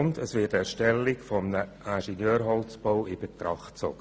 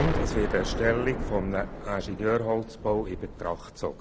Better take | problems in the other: first | background sound (Explosion); 4 dB below the speech

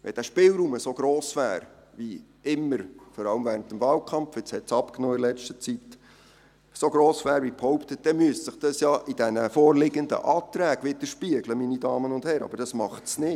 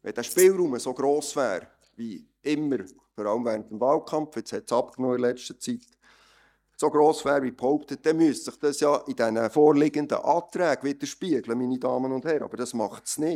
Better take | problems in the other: first | noise reduction (neural mask model DeepFilterNet 3)

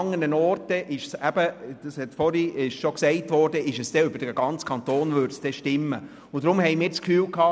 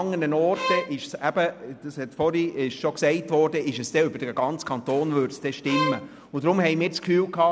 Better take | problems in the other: first | background sound (Bowed string instrument); 6 dB below the speech

